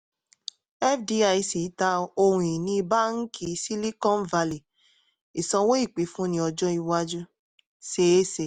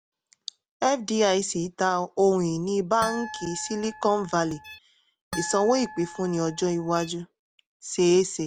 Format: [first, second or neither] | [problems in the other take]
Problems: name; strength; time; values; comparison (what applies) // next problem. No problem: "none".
first | background sound (Harp); 13 dB below the speech